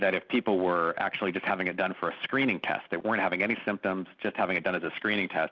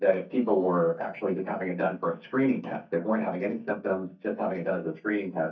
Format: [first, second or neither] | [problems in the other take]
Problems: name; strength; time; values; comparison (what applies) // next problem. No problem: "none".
first | noise reduction (neural mask model DeepFilterNet 3)